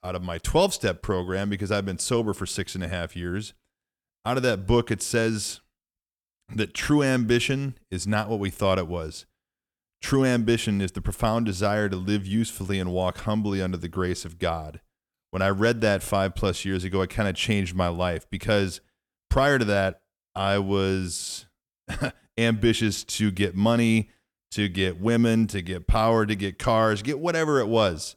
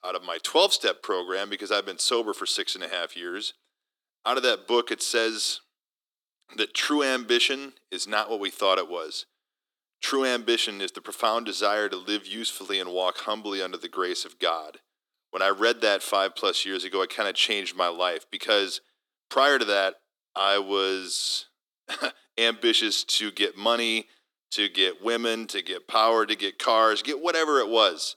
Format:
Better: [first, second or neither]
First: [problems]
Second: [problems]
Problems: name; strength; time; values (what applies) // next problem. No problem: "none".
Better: first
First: none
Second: thin; somewhat; fading below 300 Hz